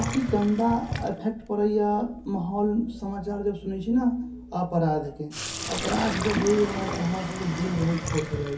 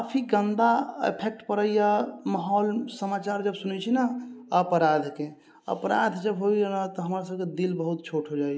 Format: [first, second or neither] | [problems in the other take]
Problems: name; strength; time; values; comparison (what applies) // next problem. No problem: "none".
second | background sound (Sink (filling or washing)); 8 dB below the speech // room echo; dies away in 0.3 s